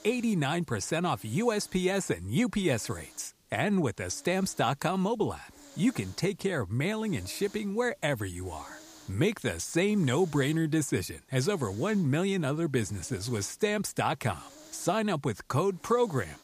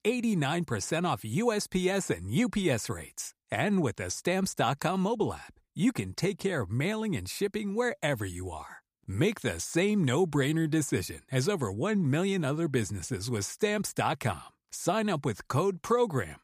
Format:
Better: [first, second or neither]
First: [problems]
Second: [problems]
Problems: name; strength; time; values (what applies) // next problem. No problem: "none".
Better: second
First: hiss; faint; throughout; 25 dB below the speech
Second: none